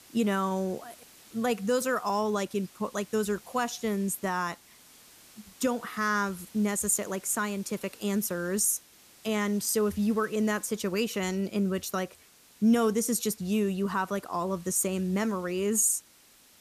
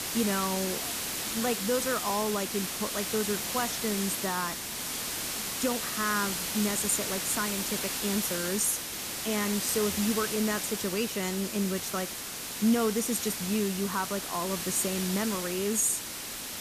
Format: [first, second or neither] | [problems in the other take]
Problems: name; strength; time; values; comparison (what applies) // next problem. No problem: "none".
first | hiss; loud; throughout; 1 dB below the speech; faint in the first